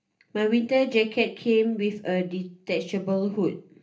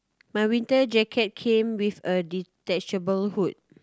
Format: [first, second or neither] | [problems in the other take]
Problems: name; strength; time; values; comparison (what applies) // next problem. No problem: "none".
second | room echo; dies away in 0.3 s